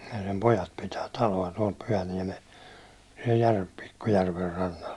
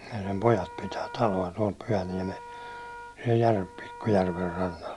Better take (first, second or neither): first